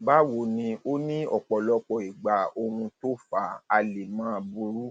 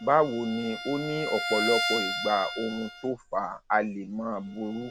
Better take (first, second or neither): first